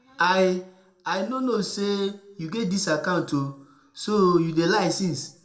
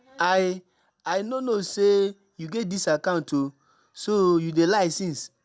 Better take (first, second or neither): second